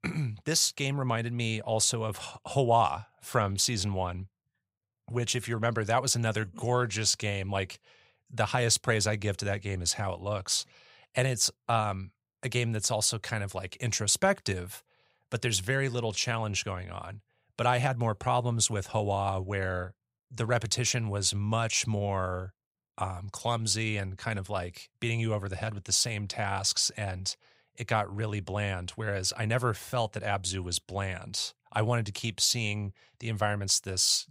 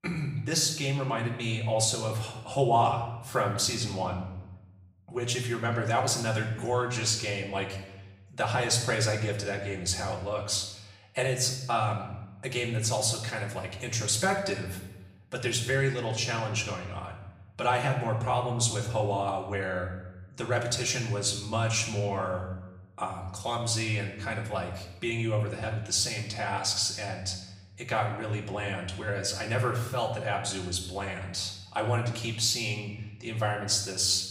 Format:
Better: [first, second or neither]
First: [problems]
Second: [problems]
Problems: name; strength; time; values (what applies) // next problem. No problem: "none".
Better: first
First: none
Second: room echo; slight; dies away in 0.8 s // off-mic speech; far